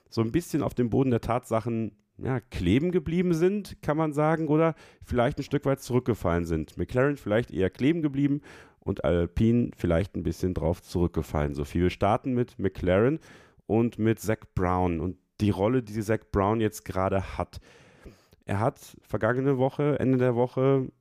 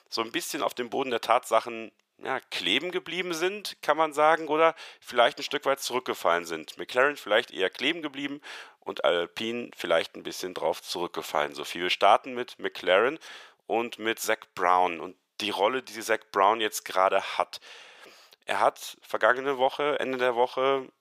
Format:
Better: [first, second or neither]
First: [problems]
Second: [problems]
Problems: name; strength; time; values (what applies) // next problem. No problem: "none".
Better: first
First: none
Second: thin; very; fading below 800 Hz